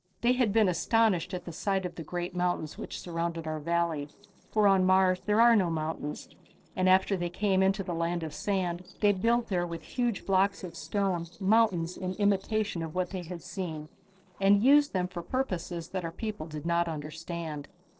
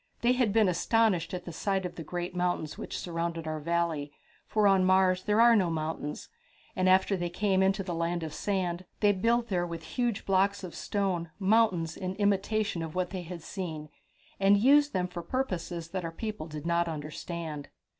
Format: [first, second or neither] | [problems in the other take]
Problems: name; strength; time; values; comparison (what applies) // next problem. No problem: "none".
second | noise reduction (neural separator model SepFormer DNS4)